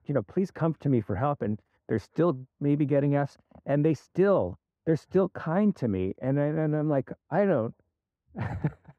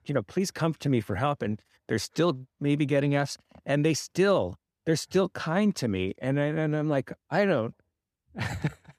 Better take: second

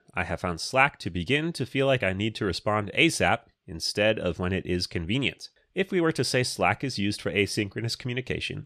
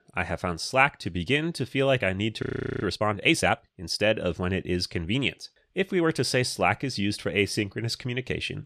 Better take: first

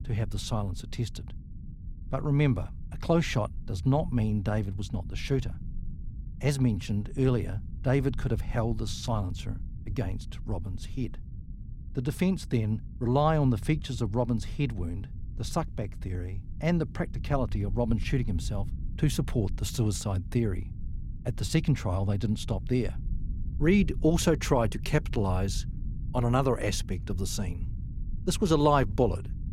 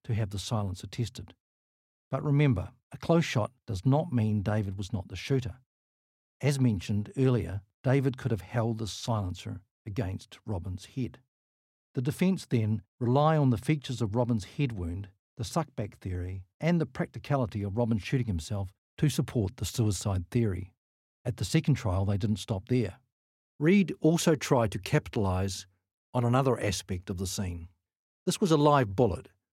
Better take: second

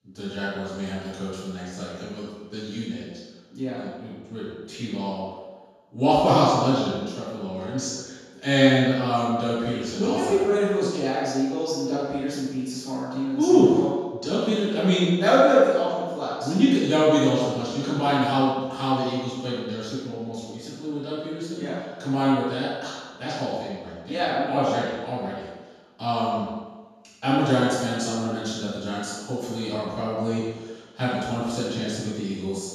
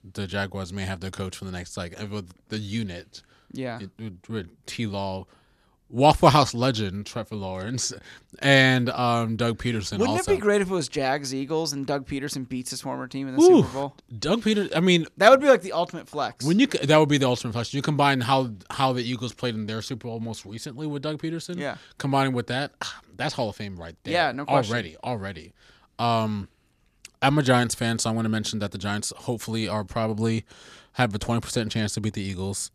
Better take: second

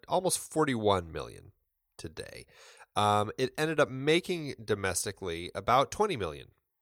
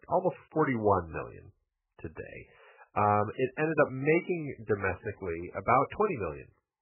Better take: first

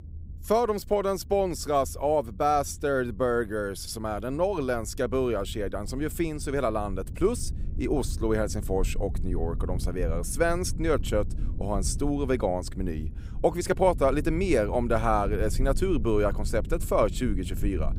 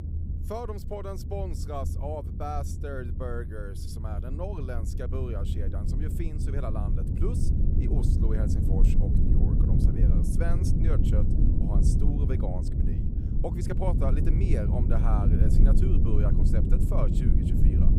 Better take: first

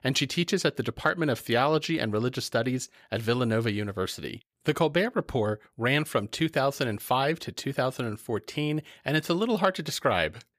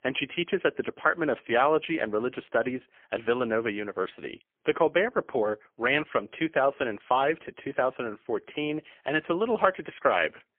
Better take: first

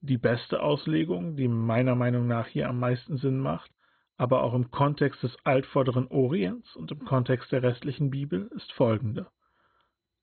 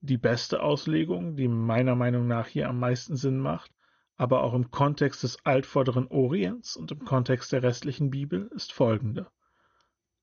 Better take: second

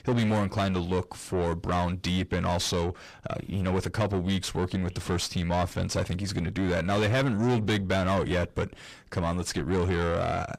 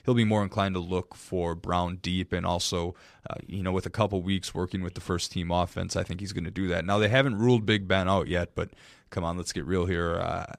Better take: second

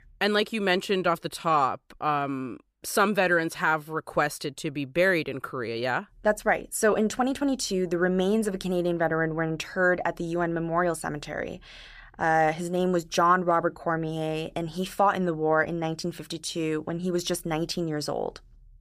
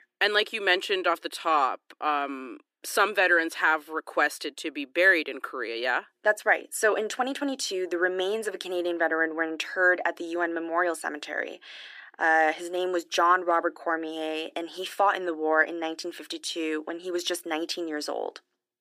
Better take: first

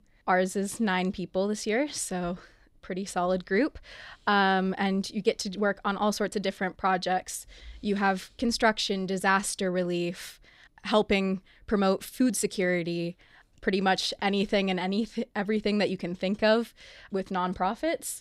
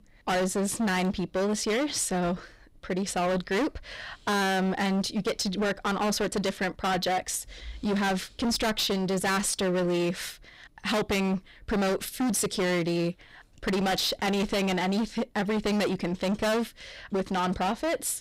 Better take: first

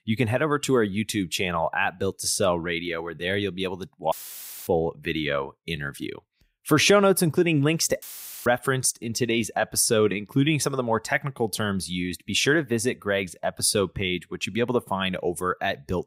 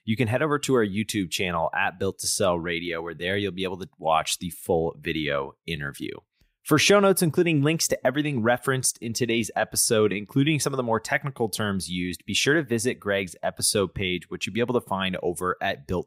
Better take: second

